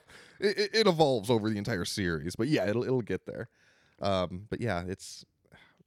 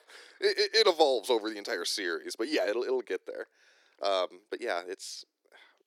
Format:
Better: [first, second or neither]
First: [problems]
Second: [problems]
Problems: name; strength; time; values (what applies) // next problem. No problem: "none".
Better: first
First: none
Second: thin; very; fading below 350 Hz